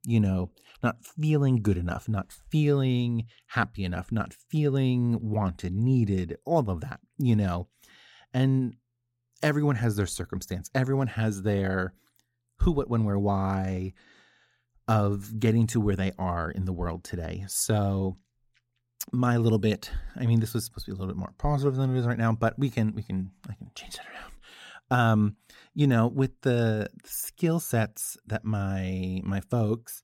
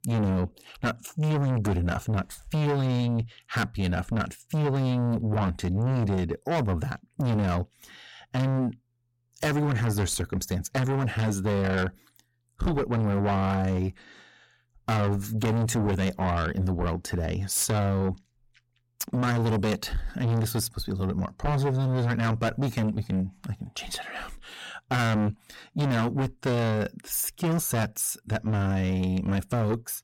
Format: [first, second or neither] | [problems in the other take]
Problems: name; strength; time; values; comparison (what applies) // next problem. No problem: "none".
first | distortion; heavy; 6 dB below the speech